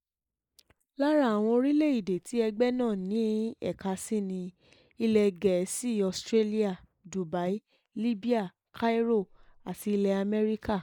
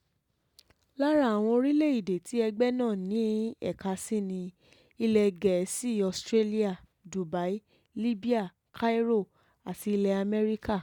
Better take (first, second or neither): second